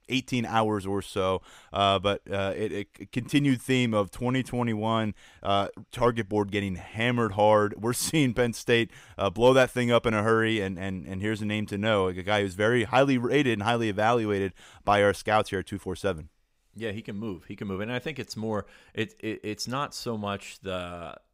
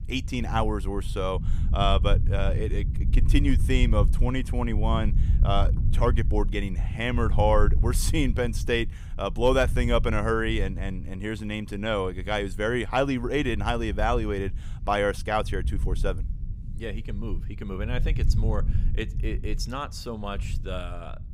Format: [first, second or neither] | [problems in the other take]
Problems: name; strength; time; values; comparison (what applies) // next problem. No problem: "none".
first | low rumble; noticeable; throughout; 15 dB below the speech